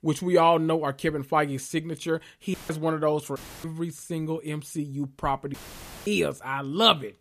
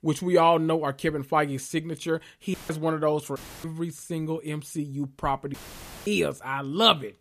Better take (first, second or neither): neither